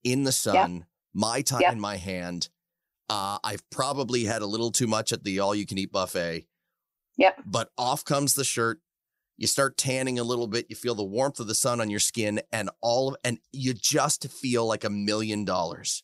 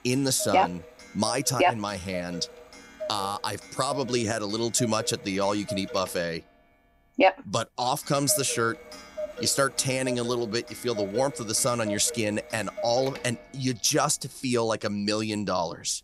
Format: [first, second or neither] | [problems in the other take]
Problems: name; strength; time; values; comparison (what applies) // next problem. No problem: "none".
first | household noises; noticeable; throughout; 15 dB below the speech